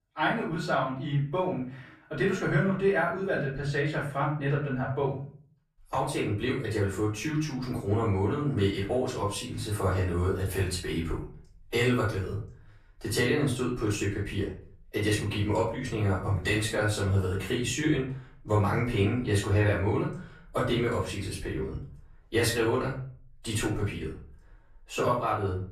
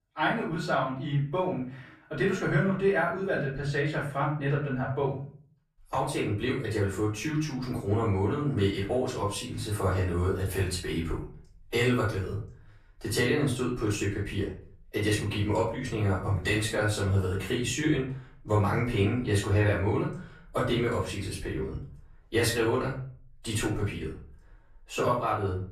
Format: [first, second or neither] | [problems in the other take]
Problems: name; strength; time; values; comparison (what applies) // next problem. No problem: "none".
neither | off-mic speech; far; the same in both // room echo; slight; dies away in 0.4 s; the same in both